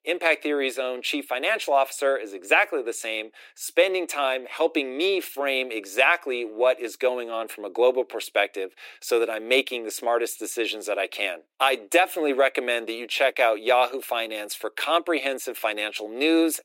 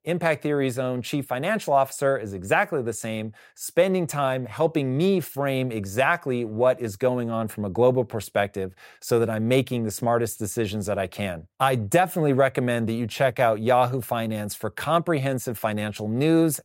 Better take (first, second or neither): second